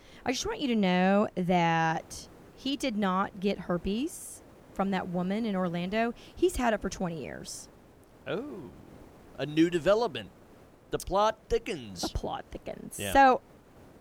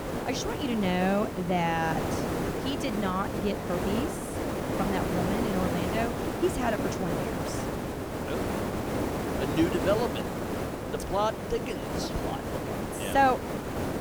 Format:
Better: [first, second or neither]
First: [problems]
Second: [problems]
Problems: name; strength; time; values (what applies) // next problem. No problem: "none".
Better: first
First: hiss; faint; throughout; 25 dB below the speech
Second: hiss; loud; throughout; 1 dB below the speech